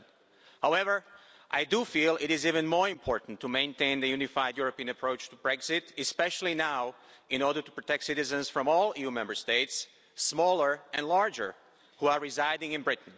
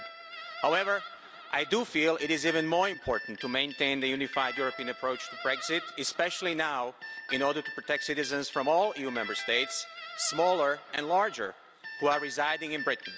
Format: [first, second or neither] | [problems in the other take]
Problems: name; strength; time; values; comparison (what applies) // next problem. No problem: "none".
first | background sound (Guitar); 11 dB below the speech